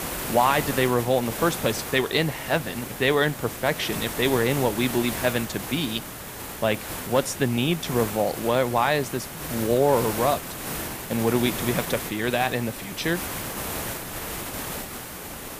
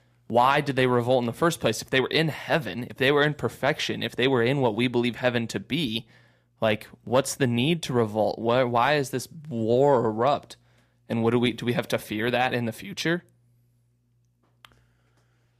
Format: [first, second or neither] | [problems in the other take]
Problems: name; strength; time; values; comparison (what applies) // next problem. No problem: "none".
second | hiss; loud; throughout; 7 dB below the speech